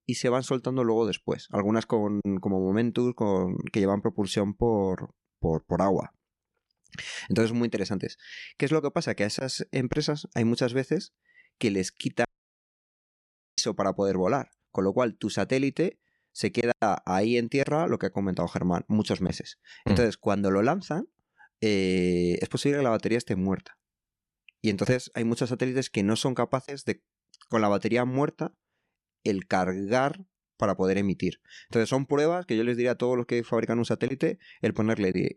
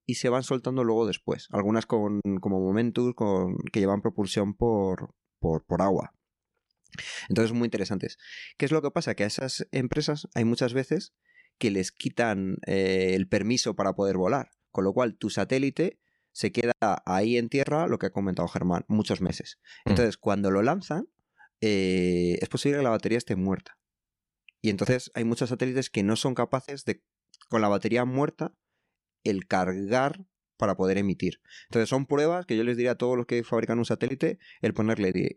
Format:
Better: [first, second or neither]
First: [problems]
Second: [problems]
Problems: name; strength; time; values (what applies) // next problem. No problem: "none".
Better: second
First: audio cutting out; at 12 s for 1.5 s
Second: none